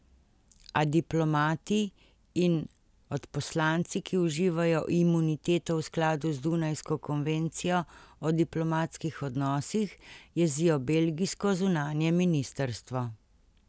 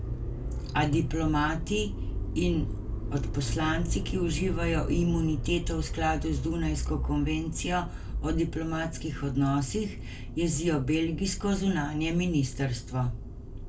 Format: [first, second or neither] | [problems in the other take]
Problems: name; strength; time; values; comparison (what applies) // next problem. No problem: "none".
first | background sound (Motor vehicle (road)); 4 dB below the speech // room echo; dies away in 0.2 s